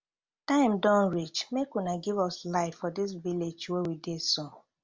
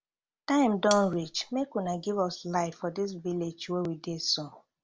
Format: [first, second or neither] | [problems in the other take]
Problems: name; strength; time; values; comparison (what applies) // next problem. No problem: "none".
first | background sound (Cutlery, silverware); 10 dB below the speech